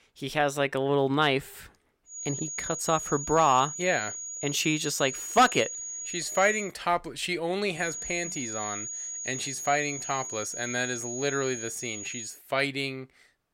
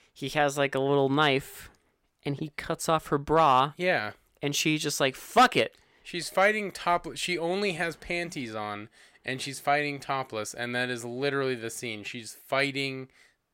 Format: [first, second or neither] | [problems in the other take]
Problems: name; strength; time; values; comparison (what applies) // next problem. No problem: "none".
second | high-pitched whine; loud; from 2 to 6.5 s and from 8 to 12 s; 6.5 kHz, 6 dB below the speech